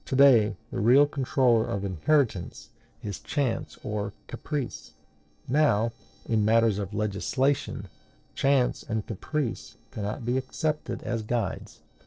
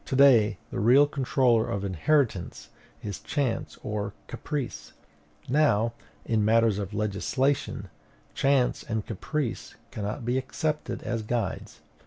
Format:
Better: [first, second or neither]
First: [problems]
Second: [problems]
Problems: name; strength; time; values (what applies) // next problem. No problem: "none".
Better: second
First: noise reduction (neural separator model SepFormer DNS4)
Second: none